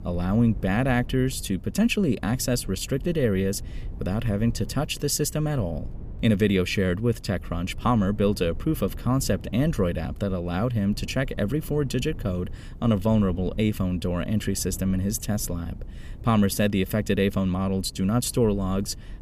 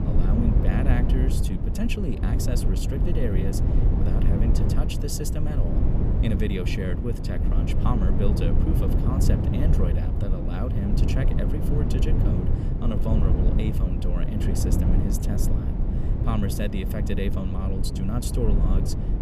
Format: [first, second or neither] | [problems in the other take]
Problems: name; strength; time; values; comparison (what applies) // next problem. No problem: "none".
first | low rumble; loud; throughout; 1 dB below the speech; faint in the first